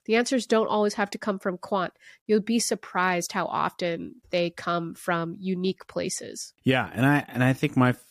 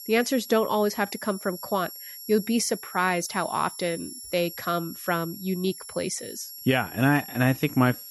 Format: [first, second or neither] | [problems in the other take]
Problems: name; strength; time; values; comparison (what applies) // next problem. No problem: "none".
first | high-pitched whine; noticeable; throughout; 11 kHz, 10 dB below the speech